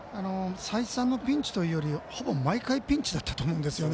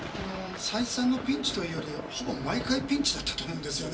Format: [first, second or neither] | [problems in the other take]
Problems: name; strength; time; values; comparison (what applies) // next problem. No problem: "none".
first | background sound (Thunder / Rain); 10 dB below the speech // room echo; dies away in 0.3 s